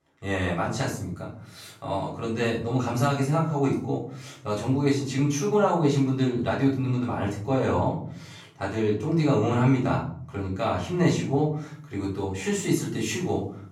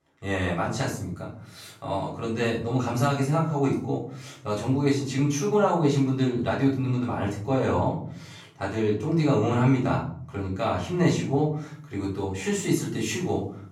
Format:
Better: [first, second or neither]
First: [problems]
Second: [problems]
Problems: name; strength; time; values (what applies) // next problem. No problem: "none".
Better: neither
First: off-mic speech; far // room echo; noticeable; dies away in 0.7 s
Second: off-mic speech; far // room echo; noticeable; dies away in 0.7 s